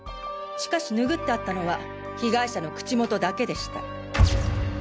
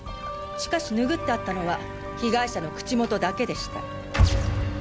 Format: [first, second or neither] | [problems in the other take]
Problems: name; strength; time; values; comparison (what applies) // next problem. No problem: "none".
first | background sound (Stream / Trickle, dribble); 17 dB below the speech